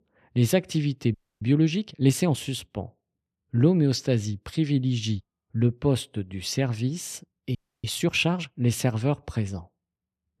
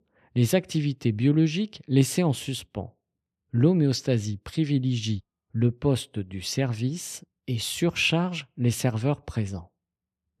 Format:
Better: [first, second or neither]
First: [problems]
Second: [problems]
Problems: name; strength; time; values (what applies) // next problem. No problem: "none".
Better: second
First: audio freezing; at 1 s and at 7.5 s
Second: none